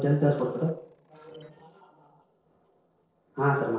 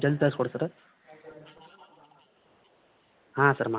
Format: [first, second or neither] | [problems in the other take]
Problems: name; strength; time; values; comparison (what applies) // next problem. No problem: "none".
second | noise reduction (neural separator model SepFormer DNS4)